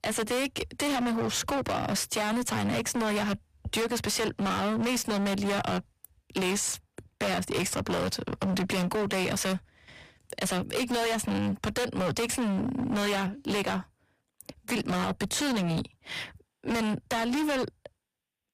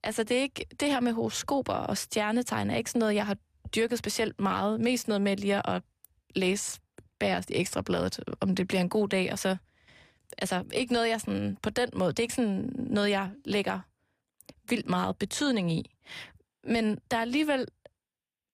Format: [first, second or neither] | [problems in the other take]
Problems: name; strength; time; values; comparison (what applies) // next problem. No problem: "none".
second | distortion; heavy; 28% of the sound clipped